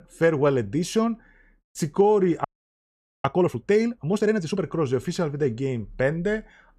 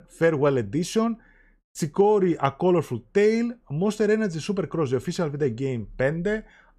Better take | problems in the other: second | audio freezing; at 2.5 s for 1 s

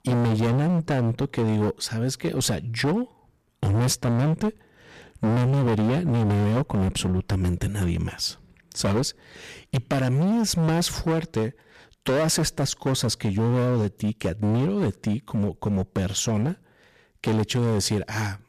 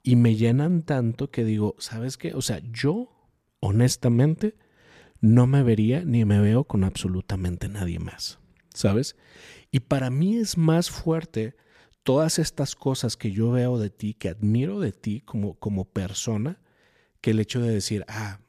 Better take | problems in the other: second | distortion; heavy; 23% of the sound clipped

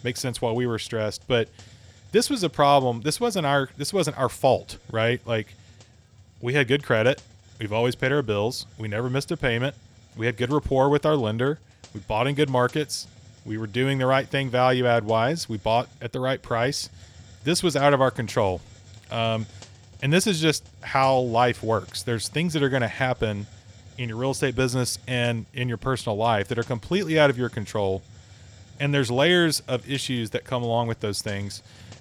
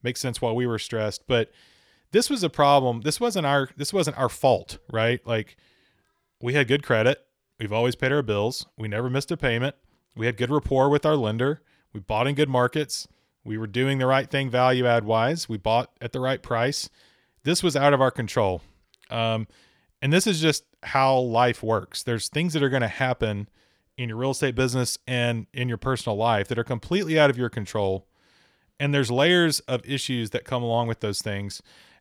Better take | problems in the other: second | hiss; faint; throughout; 25 dB below the speech

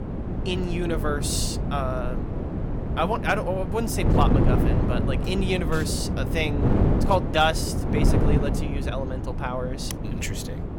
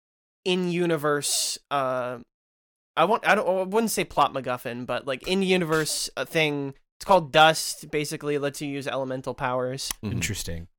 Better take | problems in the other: second | wind noise on the microphone; heavy; 5 dB below the speech

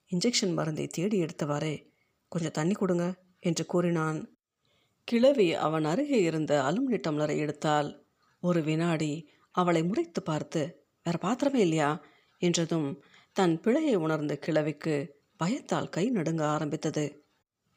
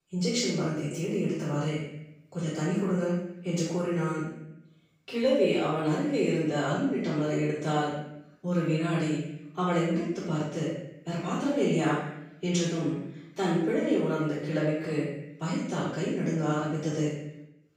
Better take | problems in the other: first | off-mic speech; far // room echo; noticeable; dies away in 0.7 s

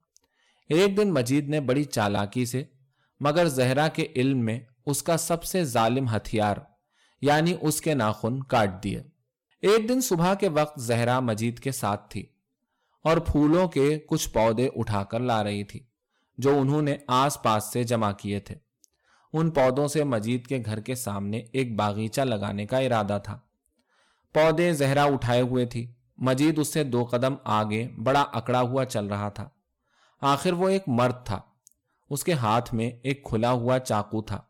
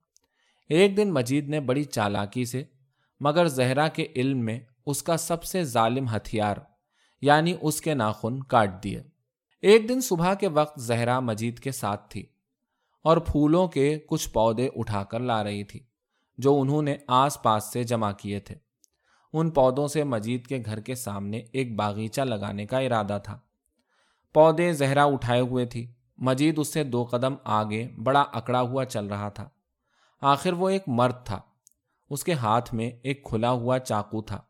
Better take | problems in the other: second | distortion; slight; 4% of the sound clipped

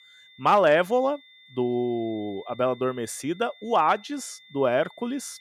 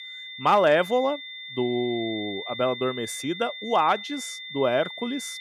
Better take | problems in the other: first | high-pitched whine; loud; throughout; 3.5 kHz, 10 dB below the speech; faint in the first

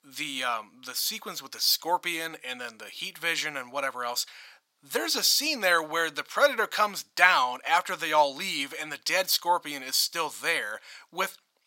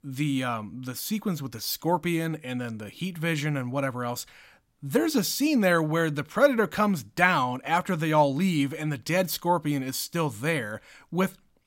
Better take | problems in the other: second | thin; very; fading below 700 Hz

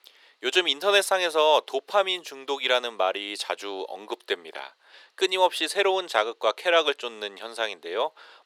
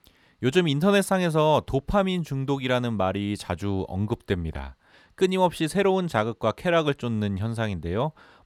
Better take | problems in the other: second | thin; very; fading below 400 Hz

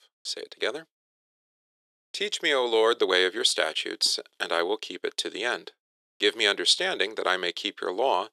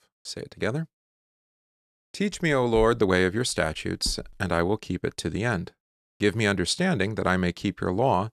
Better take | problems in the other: second | thin; very; fading below 400 Hz

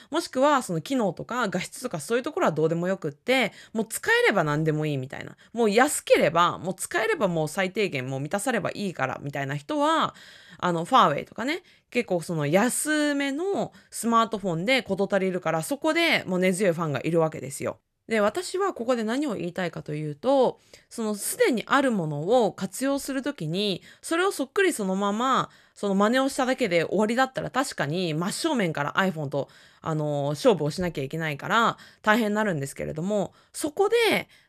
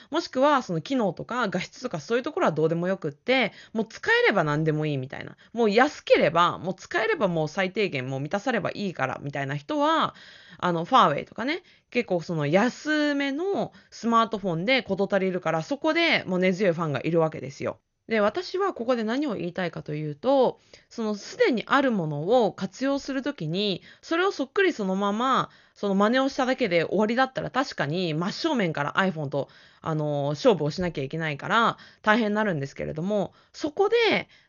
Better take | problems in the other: first | garbled, watery; slightly; nothing above 6.5 kHz

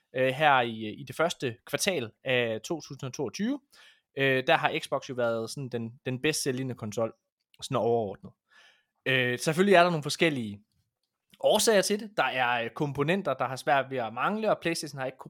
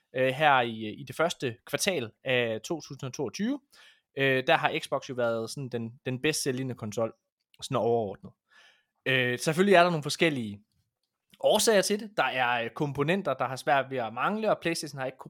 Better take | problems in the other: neither | none

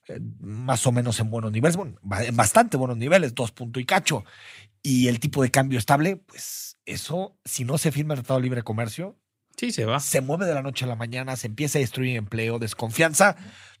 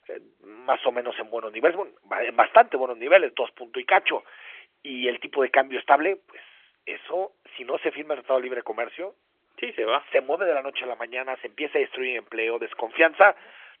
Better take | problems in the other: first | phone-call audio; nothing above 3.5 kHz

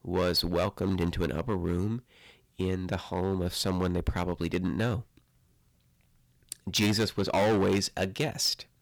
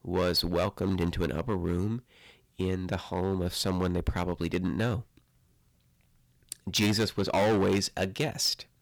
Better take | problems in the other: neither | distortion; heavy; 7% of the sound clipped; the same in both

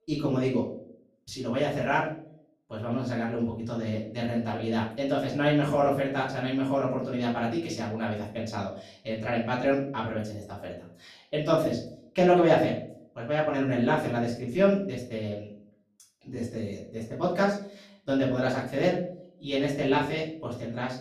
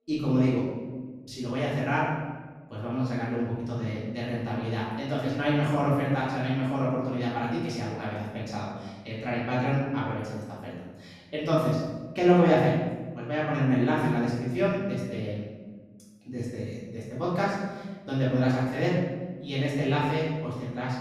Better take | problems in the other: first | room echo; strong; dies away in 1.3 s; slight in the first // off-mic speech; far; far in the first

